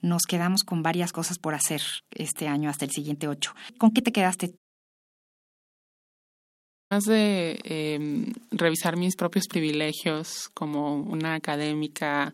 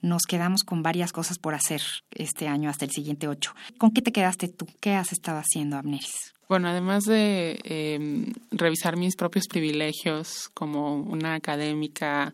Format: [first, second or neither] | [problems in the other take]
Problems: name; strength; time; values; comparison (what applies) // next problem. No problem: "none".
second | audio cutting out; at 4.5 s for 2.5 s